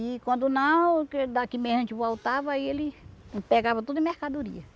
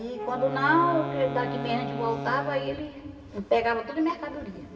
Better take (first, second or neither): first